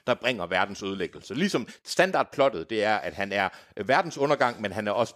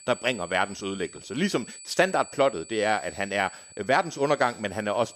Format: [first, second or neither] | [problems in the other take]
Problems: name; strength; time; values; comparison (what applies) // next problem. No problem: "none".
first | high-pitched whine; noticeable; throughout; 8 kHz, 15 dB below the speech